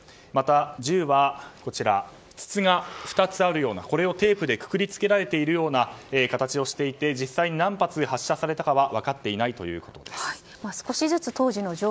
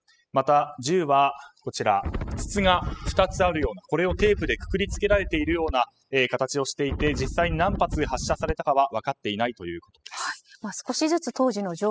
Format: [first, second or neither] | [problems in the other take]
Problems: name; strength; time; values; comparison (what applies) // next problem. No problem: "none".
first | noise reduction (classical method spectral subtraction)